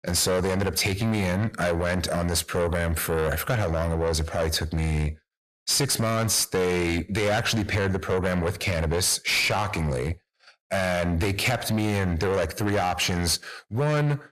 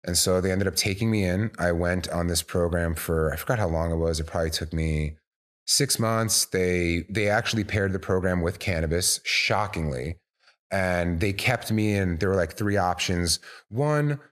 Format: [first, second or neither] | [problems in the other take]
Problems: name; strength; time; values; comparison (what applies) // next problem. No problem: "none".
second | distortion; heavy; 6 dB below the speech